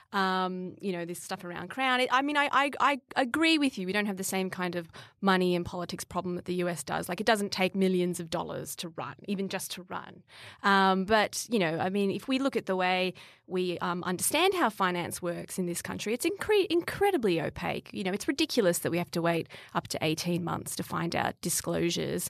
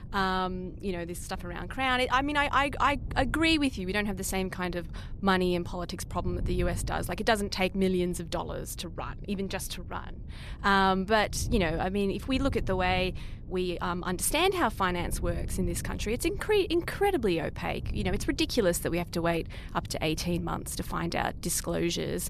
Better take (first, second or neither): first